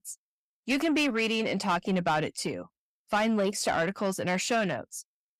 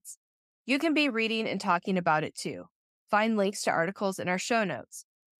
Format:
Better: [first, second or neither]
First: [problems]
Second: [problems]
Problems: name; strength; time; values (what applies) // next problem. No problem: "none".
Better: second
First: distortion; slight; 10 dB below the speech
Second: none